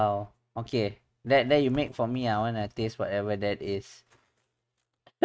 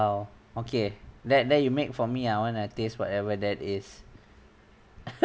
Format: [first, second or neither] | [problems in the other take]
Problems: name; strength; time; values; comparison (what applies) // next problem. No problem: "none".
second | noise reduction (neural mask model RNNoise)